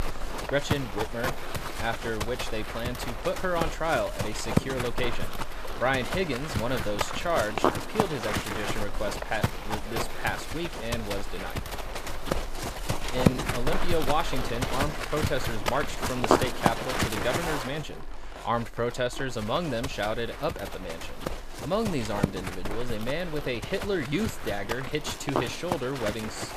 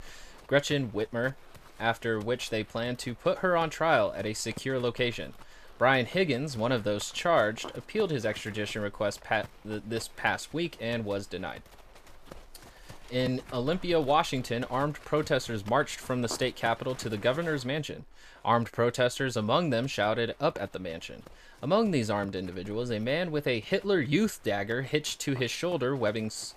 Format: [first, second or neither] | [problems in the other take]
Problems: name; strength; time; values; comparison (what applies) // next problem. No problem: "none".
second | animal sounds; loud; throughout; 1 dB below the speech; faint in the second